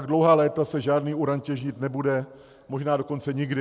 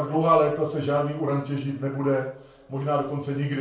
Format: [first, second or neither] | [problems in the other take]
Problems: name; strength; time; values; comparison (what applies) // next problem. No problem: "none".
first | room echo; dies away in 0.4 s